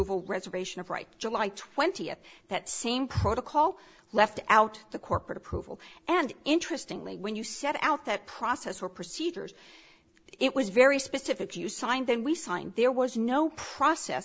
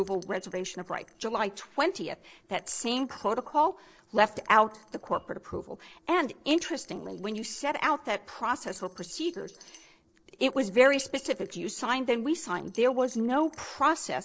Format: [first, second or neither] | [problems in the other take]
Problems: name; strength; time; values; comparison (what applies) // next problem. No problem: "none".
first | noise reduction (neural separator model SepFormer DNS4)